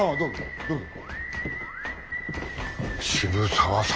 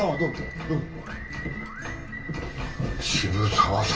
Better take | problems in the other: first | background sound (Acoustic guitar); 15 dB below the speech // room echo; dies away in 0.2 s

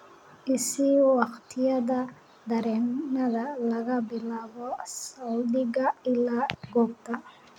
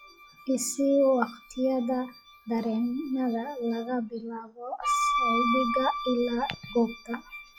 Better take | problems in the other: first | noise reduction (classical method log-MMSE)

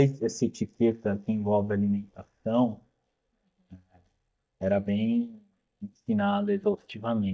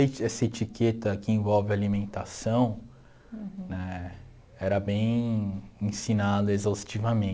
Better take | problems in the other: second | noise reduction (neural mask model DeepFilterNet 3)

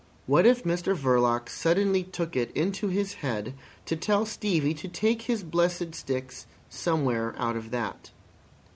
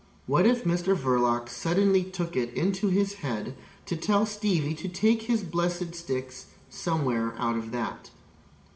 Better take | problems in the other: first | room echo; dies away in 1.5 s

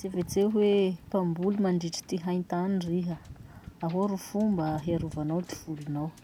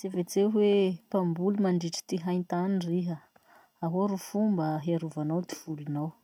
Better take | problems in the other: second | background sound (Wind / Boat, Water vehicle); 17 dB below the speech

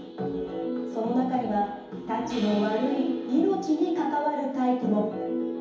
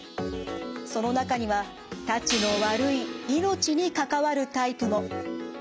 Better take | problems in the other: second | room echo; dies away in 2.2 s

